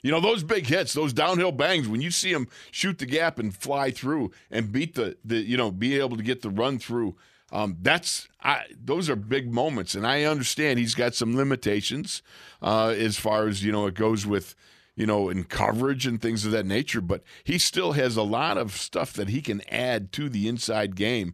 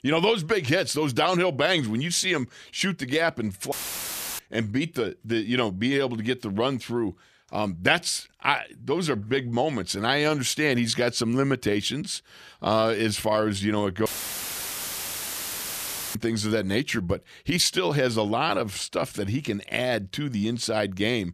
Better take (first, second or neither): first